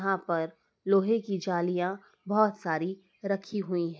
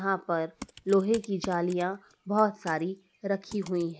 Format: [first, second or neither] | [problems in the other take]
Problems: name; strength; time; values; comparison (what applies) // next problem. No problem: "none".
first | background sound (Computer keyboard); 20 dB below the speech